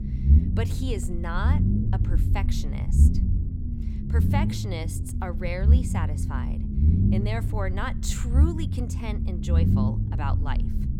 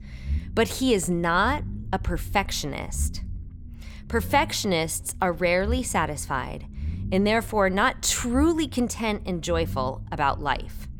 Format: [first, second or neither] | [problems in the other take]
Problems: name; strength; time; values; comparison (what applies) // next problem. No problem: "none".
second | low rumble; loud; throughout; 3 dB below the speech; faint in the second